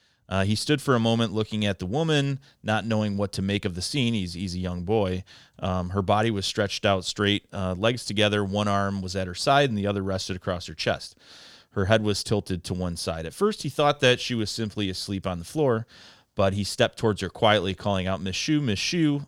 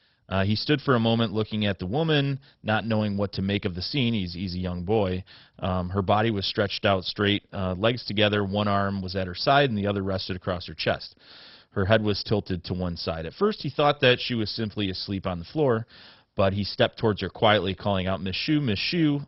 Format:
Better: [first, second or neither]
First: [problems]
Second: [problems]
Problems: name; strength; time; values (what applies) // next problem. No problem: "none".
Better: first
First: none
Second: garbled, watery; badly; nothing above 5.5 kHz